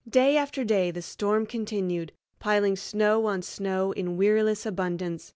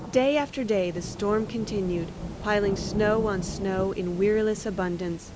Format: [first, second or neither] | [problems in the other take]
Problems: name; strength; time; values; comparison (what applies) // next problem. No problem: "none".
first | background sound (Rain / Thunderstorm); 9 dB below the speech